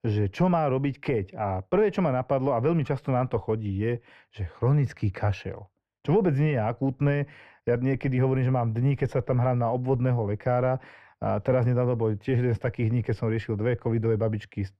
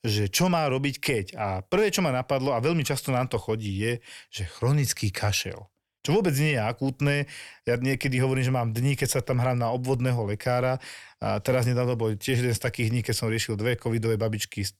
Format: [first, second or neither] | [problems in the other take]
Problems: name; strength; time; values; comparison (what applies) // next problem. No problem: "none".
second | muffled; very; fading above 3.5 kHz